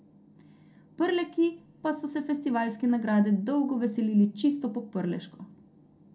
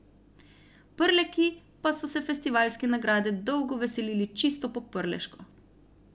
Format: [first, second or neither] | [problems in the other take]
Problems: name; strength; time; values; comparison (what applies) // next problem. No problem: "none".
second | room echo; dies away in 0.2 s